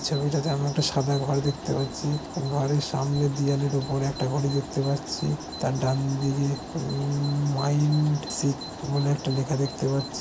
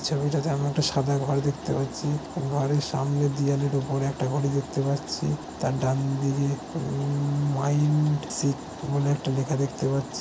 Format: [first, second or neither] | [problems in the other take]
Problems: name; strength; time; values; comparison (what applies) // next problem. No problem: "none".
second | background sound (Bird vocalization, bird call, bird song); 17 dB below the speech